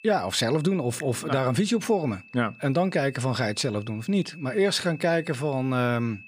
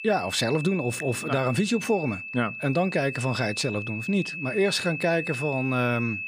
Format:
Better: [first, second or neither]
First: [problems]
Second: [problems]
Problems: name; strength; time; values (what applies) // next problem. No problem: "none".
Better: first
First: high-pitched whine; faint; throughout; 2.5 kHz, 20 dB below the speech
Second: high-pitched whine; loud; throughout; 2.5 kHz, 7 dB below the speech